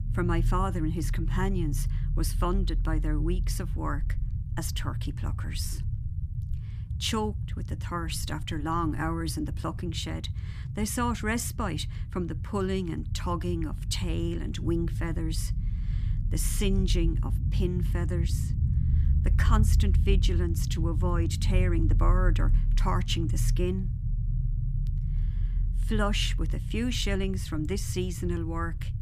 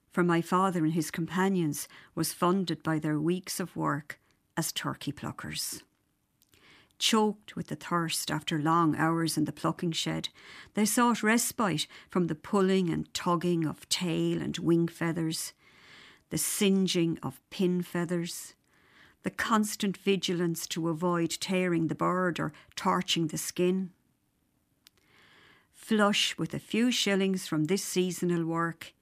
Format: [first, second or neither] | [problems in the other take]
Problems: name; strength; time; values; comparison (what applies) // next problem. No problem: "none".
second | low rumble; noticeable; throughout; 10 dB below the speech